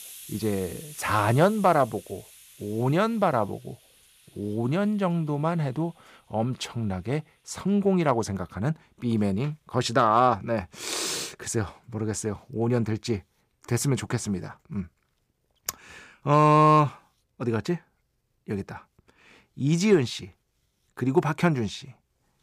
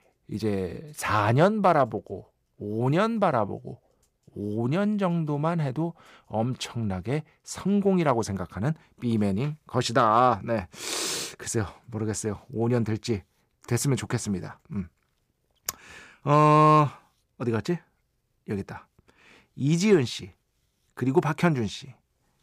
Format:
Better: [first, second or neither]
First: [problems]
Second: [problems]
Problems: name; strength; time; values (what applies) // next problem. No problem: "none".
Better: second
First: hiss; faint; until 16 s; 20 dB below the speech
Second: none